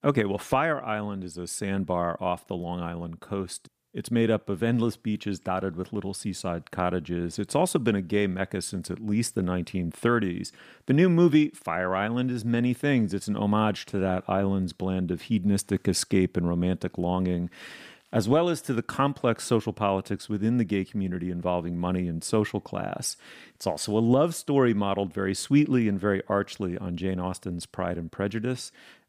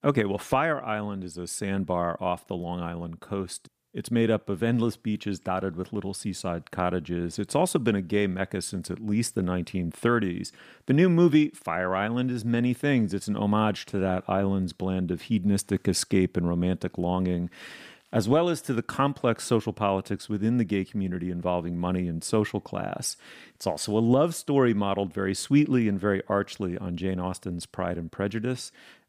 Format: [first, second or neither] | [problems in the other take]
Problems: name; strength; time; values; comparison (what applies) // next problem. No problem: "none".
neither | none